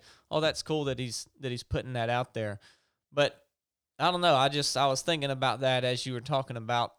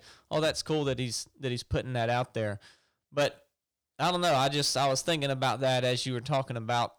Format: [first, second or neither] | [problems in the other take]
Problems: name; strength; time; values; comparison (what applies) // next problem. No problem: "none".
first | distortion; slight; 10 dB below the speech